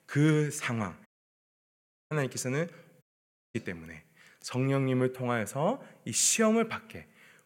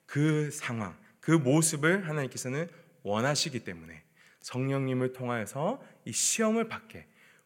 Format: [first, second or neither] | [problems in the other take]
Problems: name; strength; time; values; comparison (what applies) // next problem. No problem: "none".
second | audio cutting out; at 1 s for 1 s and at 3 s for 0.5 s